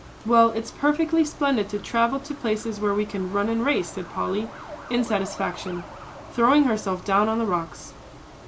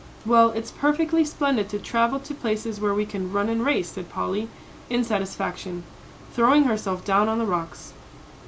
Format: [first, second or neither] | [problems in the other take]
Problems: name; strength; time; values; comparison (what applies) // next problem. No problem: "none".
second | background sound (Truck); 19 dB below the speech